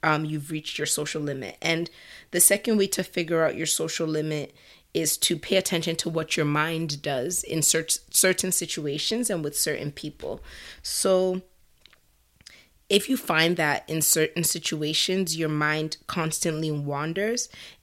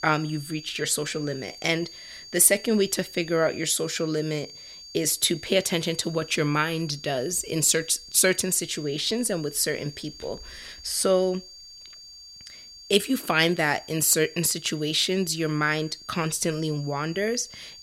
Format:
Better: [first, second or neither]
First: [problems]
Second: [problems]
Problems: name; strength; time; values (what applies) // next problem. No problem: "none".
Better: first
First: none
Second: high-pitched whine; noticeable; throughout; 4.5 kHz, 15 dB below the speech